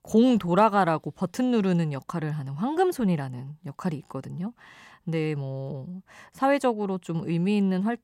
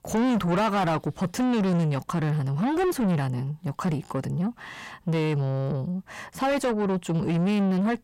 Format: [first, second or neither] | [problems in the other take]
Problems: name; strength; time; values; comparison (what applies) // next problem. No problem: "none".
first | distortion; heavy; 6 dB below the speech